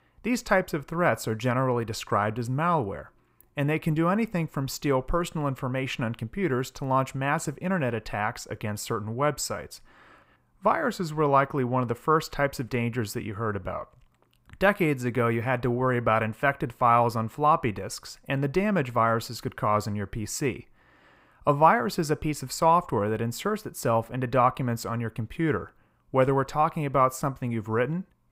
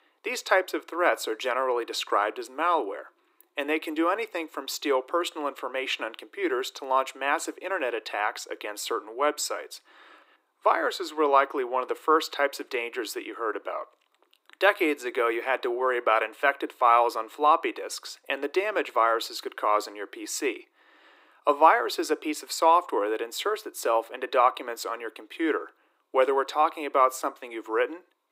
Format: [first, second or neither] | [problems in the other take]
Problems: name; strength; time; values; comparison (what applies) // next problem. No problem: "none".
first | thin; very; fading below 300 Hz